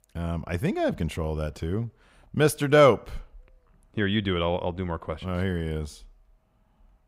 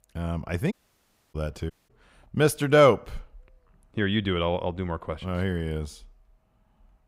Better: first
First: none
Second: audio cutting out; at 0.5 s for 0.5 s and at 1.5 s

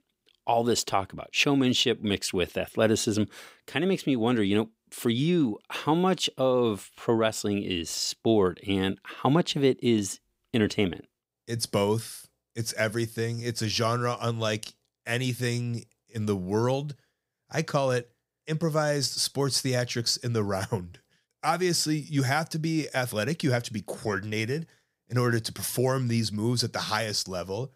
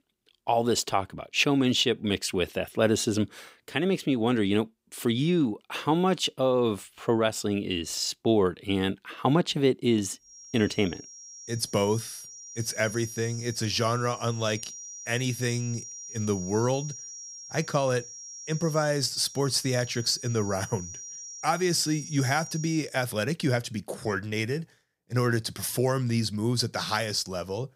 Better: first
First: none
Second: high-pitched whine; noticeable; from 10 to 23 s; 5.5 kHz, 10 dB below the speech

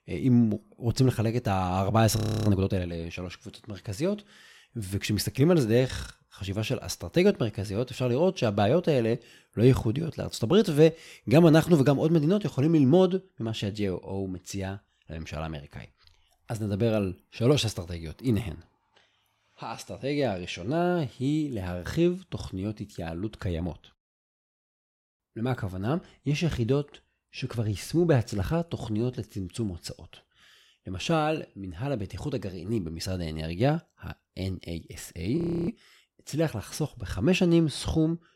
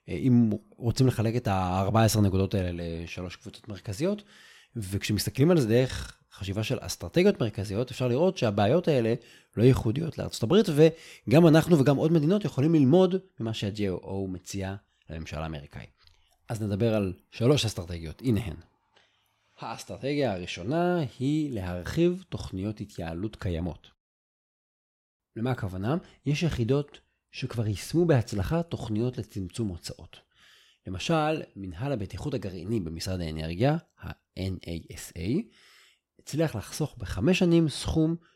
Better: second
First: audio freezing; at 2 s and at 35 s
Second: none

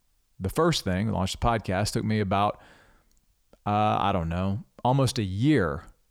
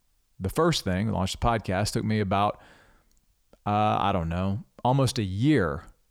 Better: neither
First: none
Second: none

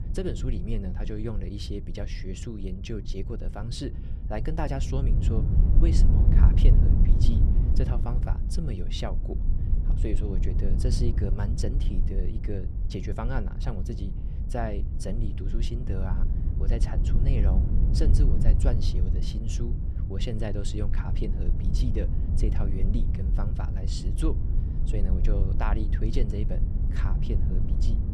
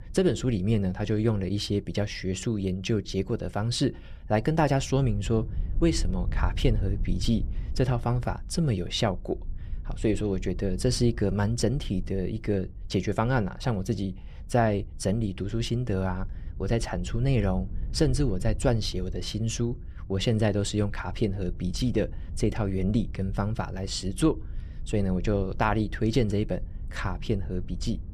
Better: second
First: low rumble; loud; throughout; 4 dB below the speech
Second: low rumble; faint; throughout; 25 dB below the speech

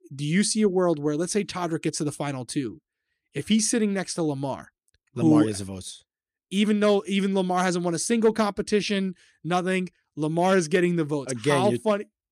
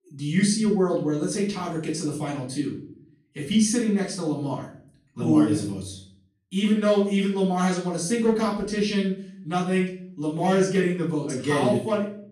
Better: first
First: none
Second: room echo; slight; dies away in 0.5 s // off-mic speech; far

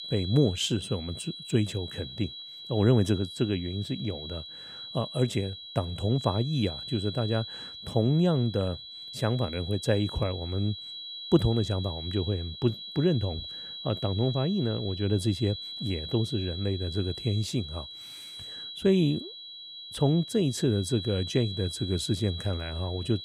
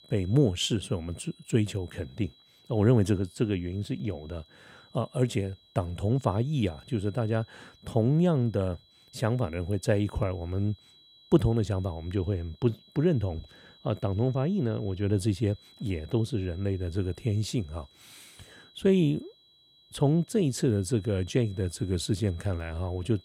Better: second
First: high-pitched whine; loud; throughout; 4 kHz, 9 dB below the speech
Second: high-pitched whine; faint; throughout; 4 kHz, 25 dB below the speech

